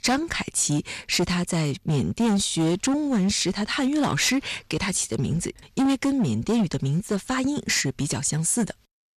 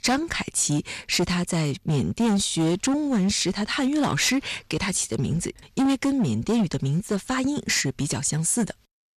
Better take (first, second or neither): neither